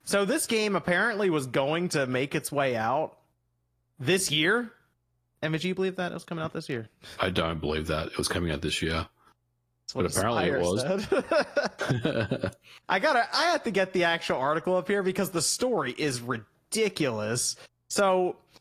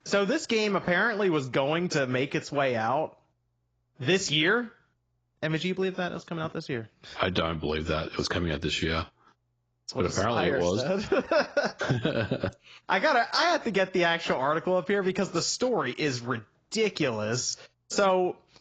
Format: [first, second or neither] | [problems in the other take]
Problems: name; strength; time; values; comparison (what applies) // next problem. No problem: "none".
first | garbled, watery; badly; nothing above 7.5 kHz; slightly in the first